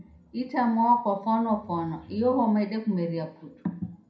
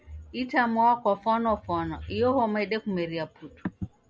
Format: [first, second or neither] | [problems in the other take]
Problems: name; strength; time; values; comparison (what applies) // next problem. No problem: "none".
second | room echo; dies away in 0.4 s